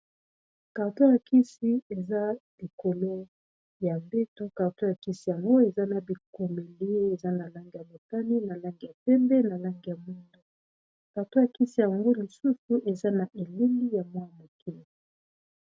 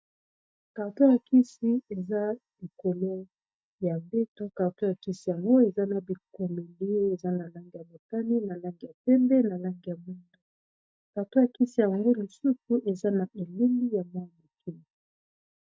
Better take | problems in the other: first | noise reduction (neural mask model DeepFilterNet 3)

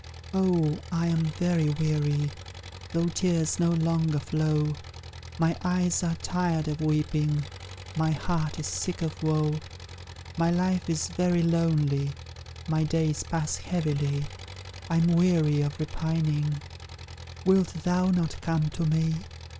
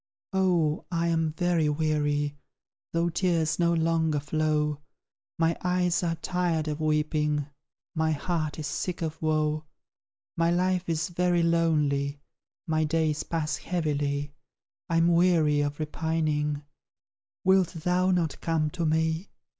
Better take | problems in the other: second | background sound (Engine); 15 dB below the speech

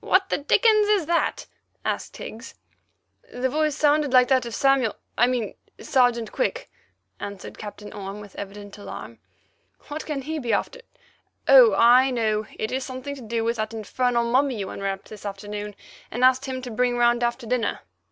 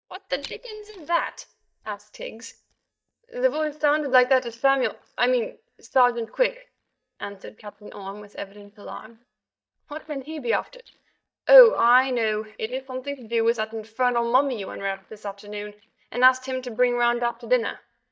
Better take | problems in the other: first | noise reduction (neural mask model DeepFilterNet 3)

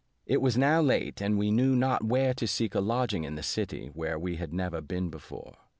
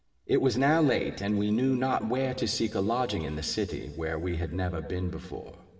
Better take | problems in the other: first | room echo; dies away in 1.9 s

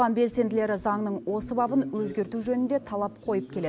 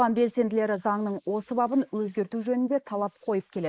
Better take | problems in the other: first | noise reduction (neural mask model Resemble Enhance denoiser)

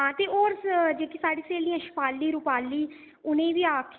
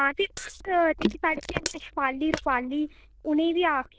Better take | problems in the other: first | noise reduction (neural diffusion model UNIVERSE++)

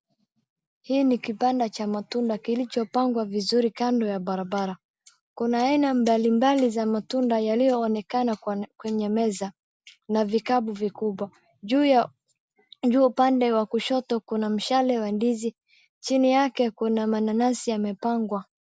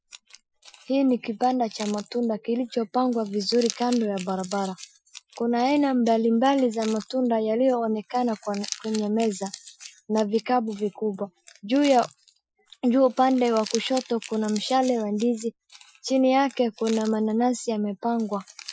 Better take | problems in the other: first | noise reduction (classical method Wiener filter)

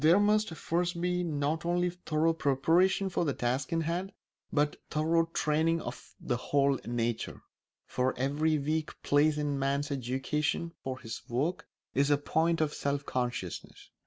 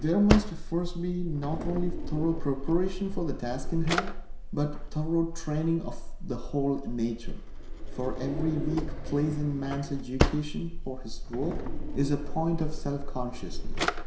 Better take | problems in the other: first | background sound (Drawer open or close); as loud as the speech // room echo; dies away in 0.7 s

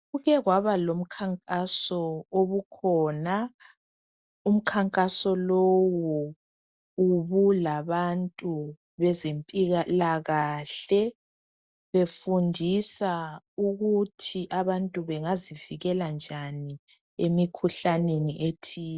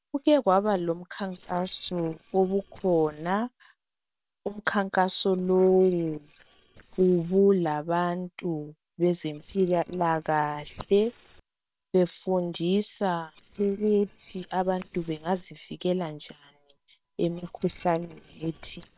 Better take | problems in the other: first | noise reduction (neural separator model SepFormer WHAM!)

